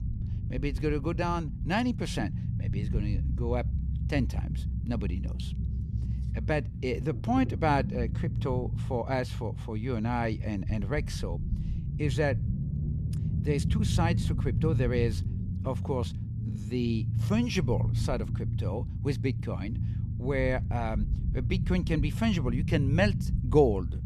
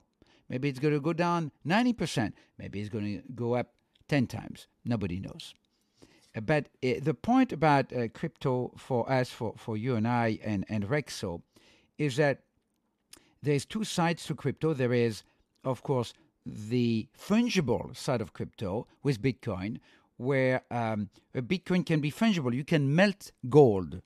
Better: second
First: low rumble; noticeable; throughout; 10 dB below the speech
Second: none

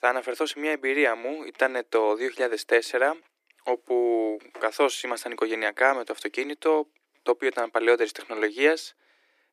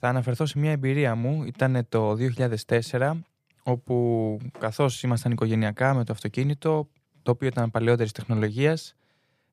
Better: second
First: thin; very; fading below 300 Hz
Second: none

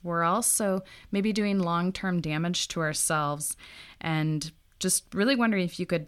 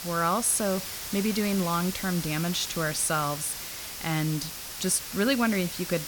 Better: first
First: none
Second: hiss; loud; throughout; 7 dB below the speech

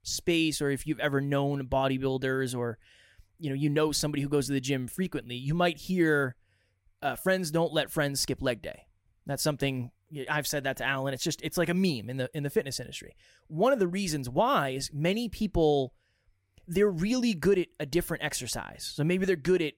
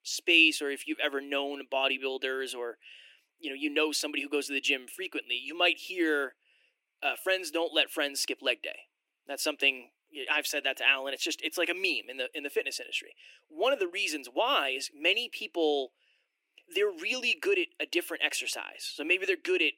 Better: first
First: none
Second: thin; somewhat; fading below 300 Hz

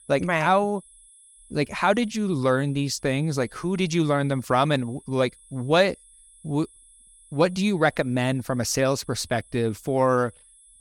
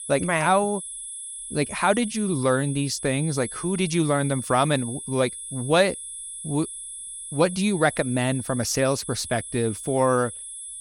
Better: first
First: high-pitched whine; faint; throughout; 10.5 kHz, 25 dB below the speech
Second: high-pitched whine; loud; throughout; 10.5 kHz, 9 dB below the speech

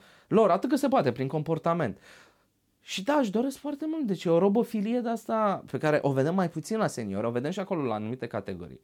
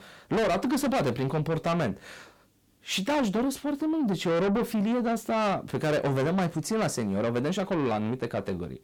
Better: first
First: none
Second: distortion; heavy; 6 dB below the speech

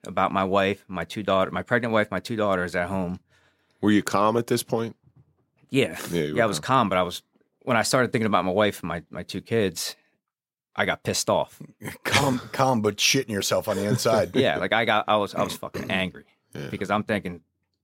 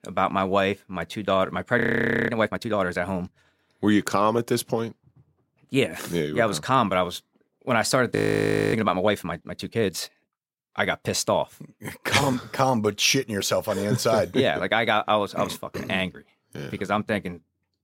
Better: first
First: none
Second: audio freezing; at 2 s and at 8 s for 0.5 s

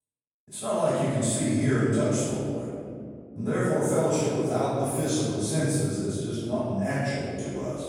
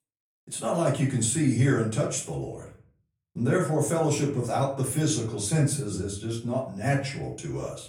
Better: second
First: room echo; strong; dies away in 2.5 s // off-mic speech; far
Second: room echo; slight; dies away in 0.4 s // off-mic speech; far

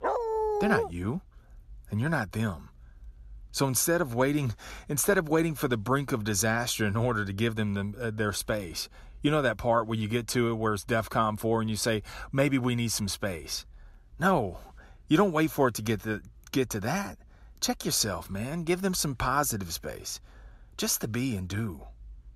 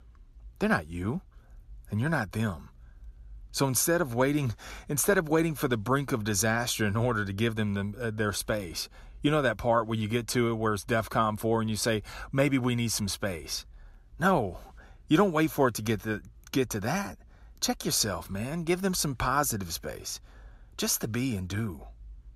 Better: second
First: dog barking; noticeable; at the start; peak level with the speech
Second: none

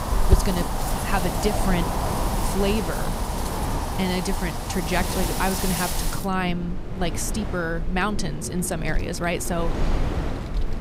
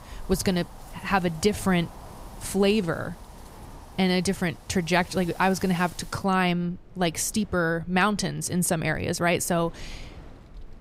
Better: second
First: wind in the background; loud; throughout; 1 dB below the speech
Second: wind in the background; faint; throughout; 20 dB below the speech

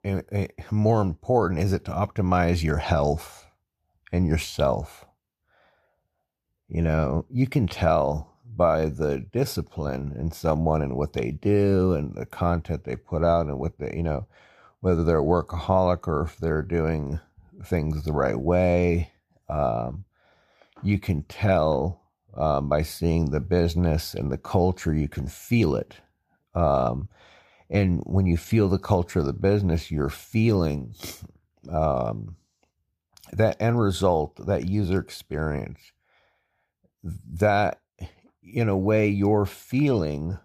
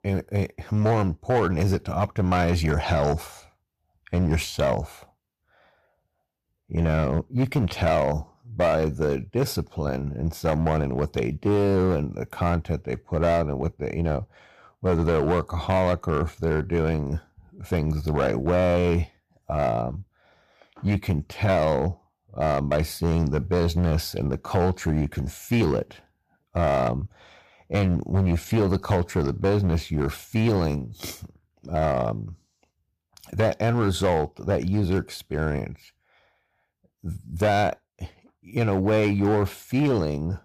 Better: first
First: none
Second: distortion; slight; 8% of the sound clipped

